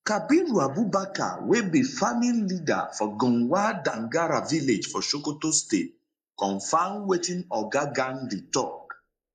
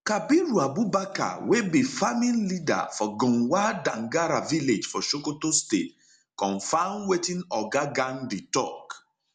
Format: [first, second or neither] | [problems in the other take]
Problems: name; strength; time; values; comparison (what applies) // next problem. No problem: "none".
second | noise reduction (neural mask model Resemble Enhance denoiser)